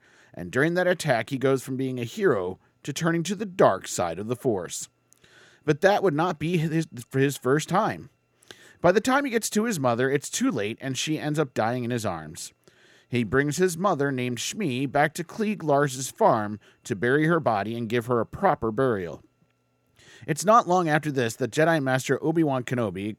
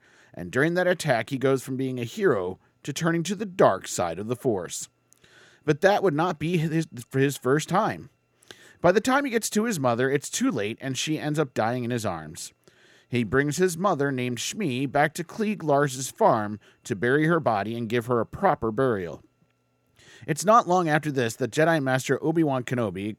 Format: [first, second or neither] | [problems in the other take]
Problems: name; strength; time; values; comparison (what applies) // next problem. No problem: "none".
neither | none